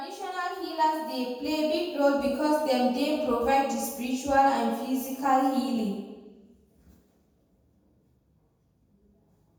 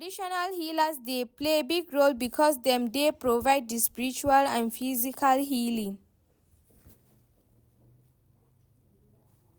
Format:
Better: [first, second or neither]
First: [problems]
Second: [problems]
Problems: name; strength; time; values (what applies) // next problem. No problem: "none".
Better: second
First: room echo; dies away in 1.1 s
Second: none